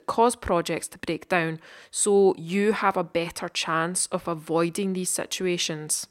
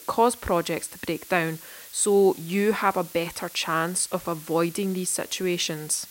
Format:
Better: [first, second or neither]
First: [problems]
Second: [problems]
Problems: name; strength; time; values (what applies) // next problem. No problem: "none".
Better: first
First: none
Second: hiss; noticeable; throughout; 15 dB below the speech